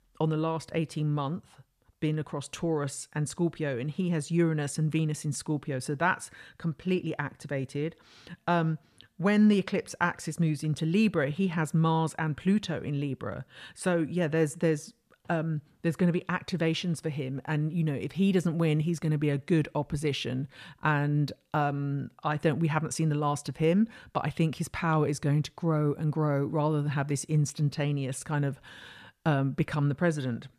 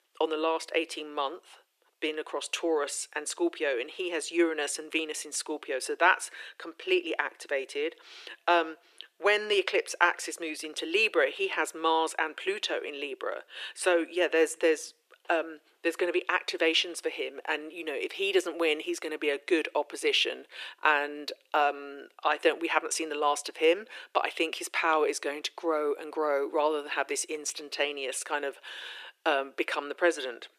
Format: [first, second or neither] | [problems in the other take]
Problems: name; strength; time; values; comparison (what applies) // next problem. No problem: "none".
first | thin; very; fading below 350 Hz